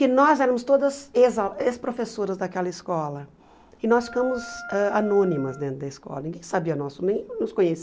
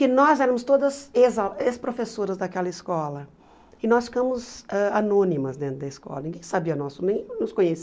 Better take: second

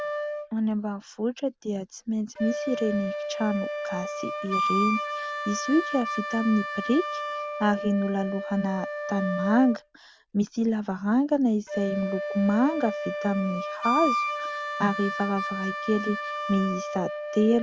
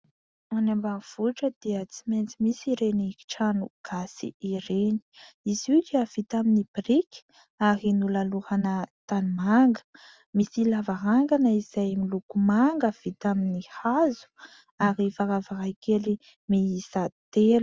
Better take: second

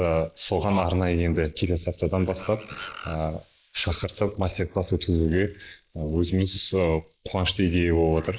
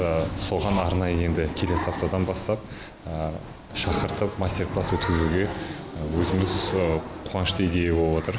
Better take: second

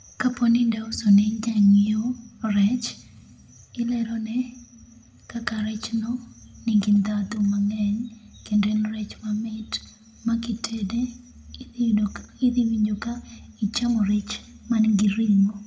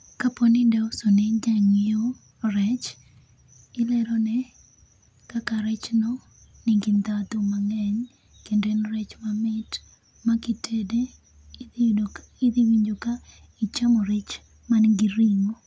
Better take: second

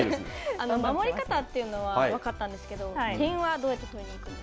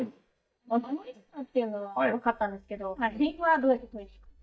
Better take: first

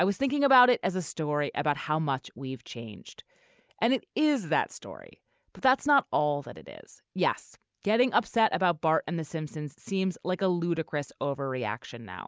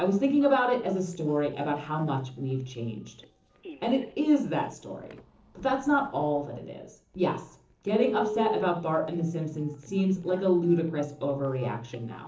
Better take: first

